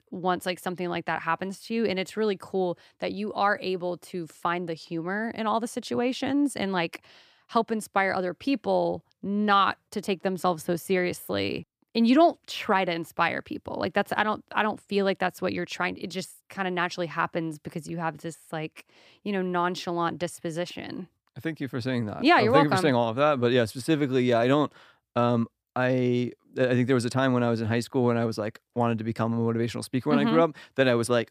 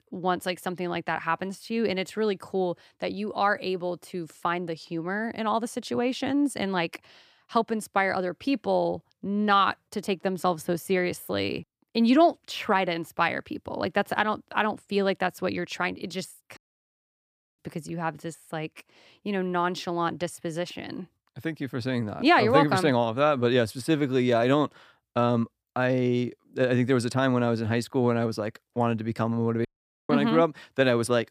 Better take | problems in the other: first | audio cutting out; at 17 s for 1 s and at 30 s

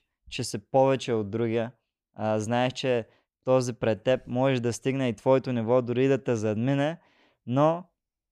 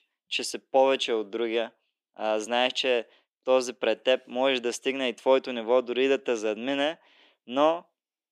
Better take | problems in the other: first | thin; somewhat; fading below 300 Hz

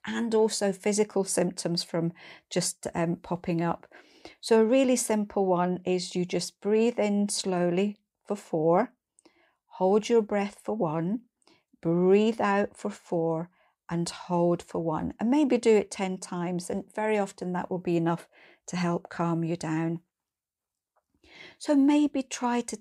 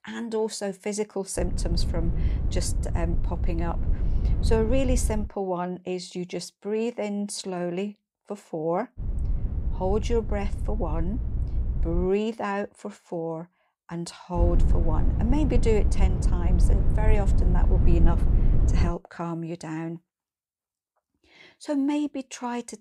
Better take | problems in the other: first | low rumble; loud; from 1.5 to 5.5 s, from 9 to 12 s and from 14 to 19 s; 10 dB below the speech

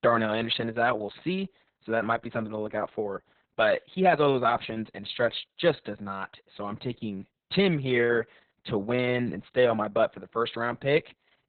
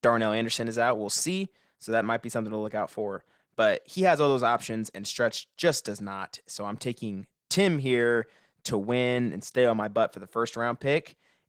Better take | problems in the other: second | garbled, watery; badly; nothing above 4 kHz; slightly in the second

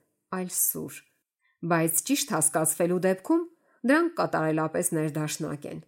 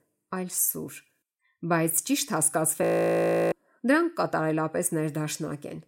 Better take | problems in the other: first | audio freezing; at 3 s for 0.5 s

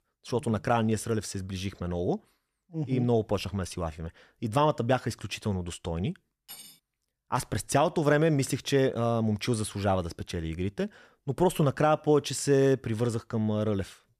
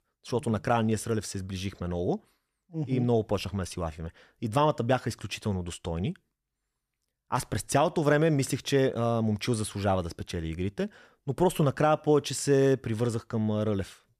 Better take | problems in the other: second | clattering dishes; faint; at 6.5 s; peak 15 dB below the speech

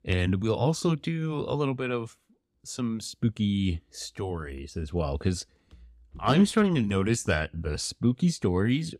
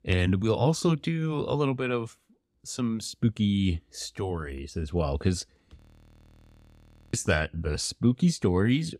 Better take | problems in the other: first | audio freezing; at 6 s for 1.5 s

